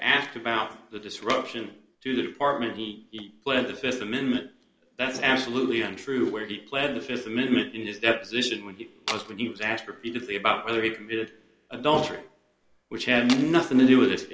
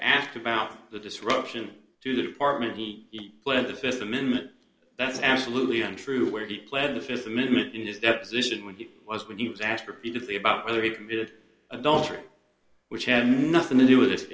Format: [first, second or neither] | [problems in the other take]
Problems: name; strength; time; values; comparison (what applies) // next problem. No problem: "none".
second | background sound (Tools); 8 dB below the speech